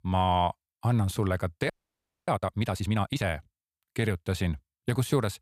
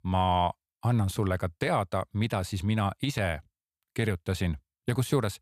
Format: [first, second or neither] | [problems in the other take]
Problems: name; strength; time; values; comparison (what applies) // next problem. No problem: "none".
second | audio freezing; at 1.5 s for 0.5 s